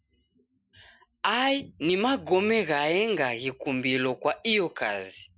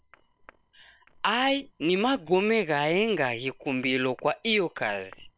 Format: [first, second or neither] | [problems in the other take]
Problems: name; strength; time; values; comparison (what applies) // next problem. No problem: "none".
first | noise reduction (neural separator model SepFormer WHAM!)